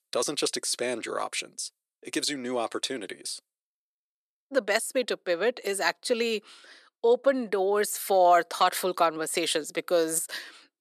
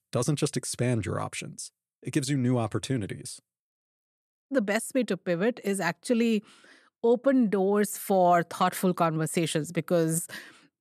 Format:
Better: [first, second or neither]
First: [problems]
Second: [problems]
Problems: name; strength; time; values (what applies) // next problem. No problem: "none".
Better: second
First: thin; somewhat; fading below 400 Hz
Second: none